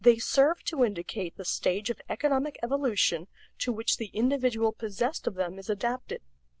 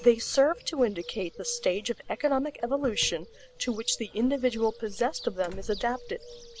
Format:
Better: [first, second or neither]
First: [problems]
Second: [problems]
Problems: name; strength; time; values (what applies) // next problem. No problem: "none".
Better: first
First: none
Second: background sound (Doorbell + Bird); 17 dB below the speech